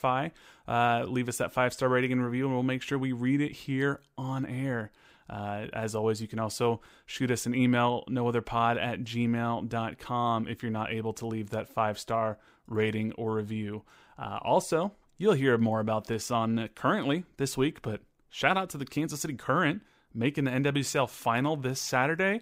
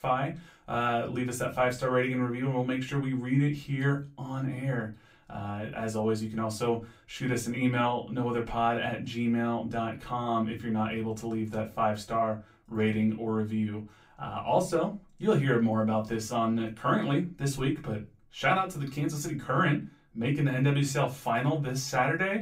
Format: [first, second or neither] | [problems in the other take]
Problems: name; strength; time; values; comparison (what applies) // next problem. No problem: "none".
first | off-mic speech; far // room echo; very slight; dies away in 0.2 s